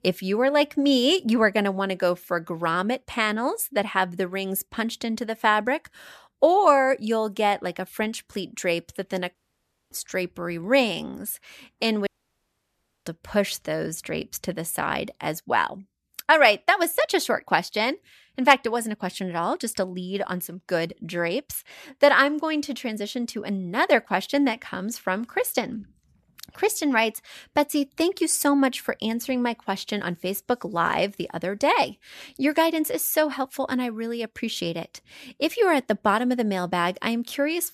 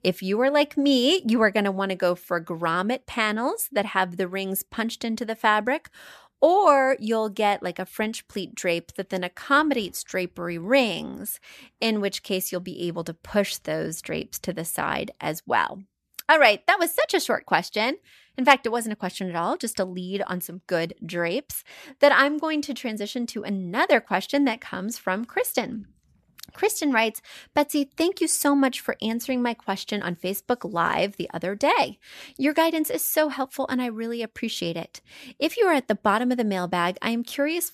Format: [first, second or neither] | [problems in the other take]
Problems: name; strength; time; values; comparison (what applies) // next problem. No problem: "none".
second | audio cutting out; at 9.5 s for 0.5 s and at 12 s for 1 s